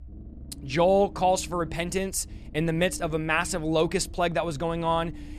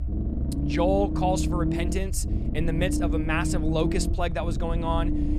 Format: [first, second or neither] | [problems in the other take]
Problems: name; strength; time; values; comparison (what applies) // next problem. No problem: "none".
first | low rumble; loud; throughout; 6 dB below the speech; faint in the first